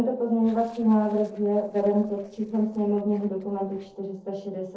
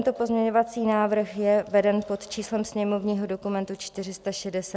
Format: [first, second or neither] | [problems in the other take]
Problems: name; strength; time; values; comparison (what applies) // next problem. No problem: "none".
second | noise reduction (neural separator model SepFormer DNS4)